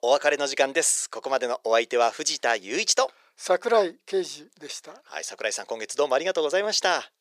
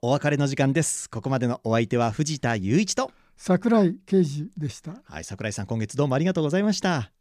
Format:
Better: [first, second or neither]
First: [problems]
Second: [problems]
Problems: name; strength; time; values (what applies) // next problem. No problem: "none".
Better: second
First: thin; very; fading below 450 Hz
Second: none